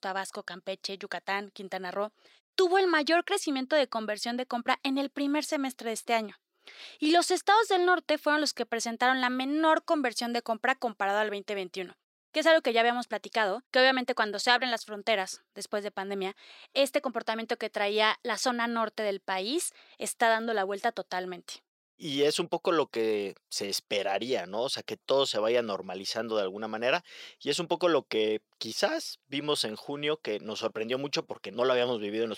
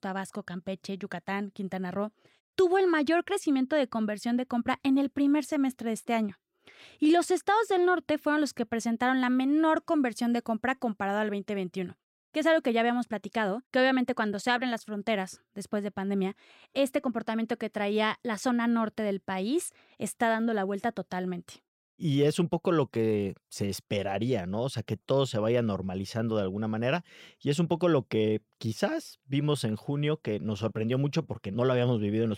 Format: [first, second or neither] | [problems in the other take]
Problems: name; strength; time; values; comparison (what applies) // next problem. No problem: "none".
second | thin; somewhat; fading below 450 Hz